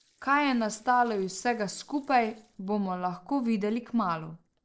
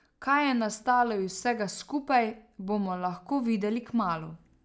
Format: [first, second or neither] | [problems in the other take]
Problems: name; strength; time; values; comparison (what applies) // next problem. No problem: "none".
second | noise reduction (neural separator model SepFormer DNS4)